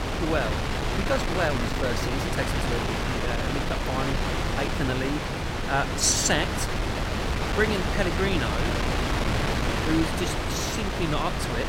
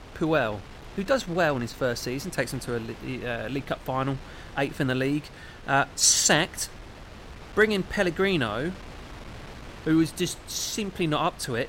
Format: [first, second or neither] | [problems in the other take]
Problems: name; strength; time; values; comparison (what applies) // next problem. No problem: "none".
second | wind noise on the microphone; heavy; as loud as the speech; occasional gusts in the second